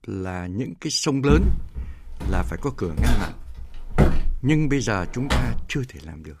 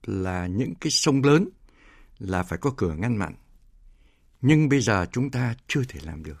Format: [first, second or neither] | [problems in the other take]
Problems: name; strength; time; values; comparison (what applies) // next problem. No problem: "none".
second | footsteps; loud; from 1.5 to 5.5 s; peak 4 dB above the speech